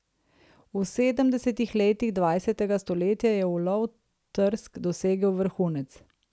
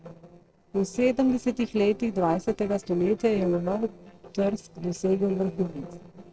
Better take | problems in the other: first | noise reduction (neural separator model SepFormer DNS4)

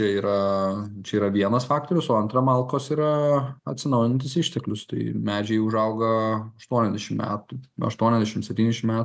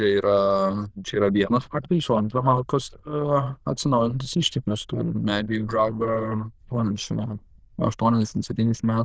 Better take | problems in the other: first | noise reduction (neural diffusion model UNIVERSE++)

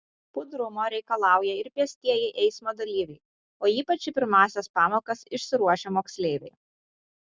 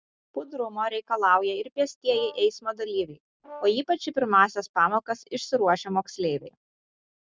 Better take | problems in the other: first | noise reduction (neural mask model RNNoise)

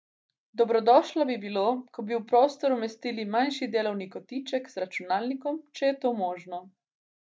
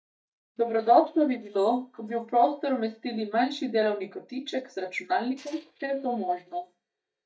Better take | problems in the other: first | noise reduction (neural mask model DeepFilterNet 3)

